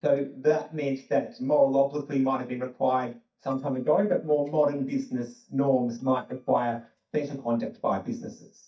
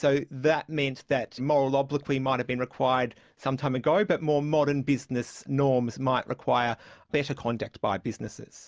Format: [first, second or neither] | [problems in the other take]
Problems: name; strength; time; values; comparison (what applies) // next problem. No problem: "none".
second | noise reduction (neural mask model DeepFilterNet 3)